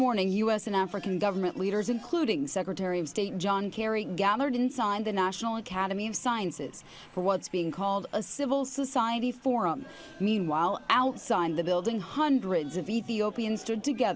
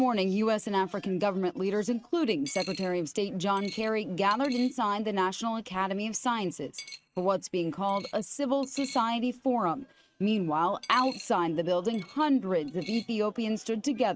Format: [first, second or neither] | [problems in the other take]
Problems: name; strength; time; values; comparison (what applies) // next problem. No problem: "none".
first | noise reduction (neural mask model RNNoise)